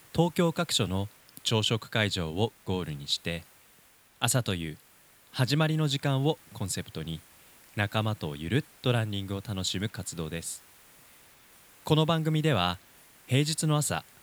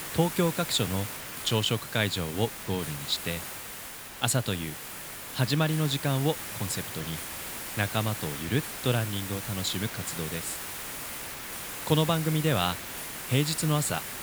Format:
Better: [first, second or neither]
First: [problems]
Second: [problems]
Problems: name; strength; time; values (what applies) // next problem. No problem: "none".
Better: first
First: hiss; faint; throughout; 25 dB below the speech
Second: hiss; loud; throughout; 7 dB below the speech